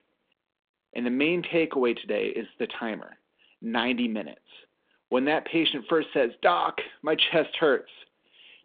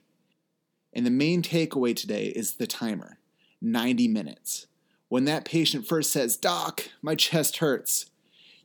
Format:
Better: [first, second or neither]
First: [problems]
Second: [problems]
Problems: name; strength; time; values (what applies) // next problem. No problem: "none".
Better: second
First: phone-call audio; nothing above 3.5 kHz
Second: none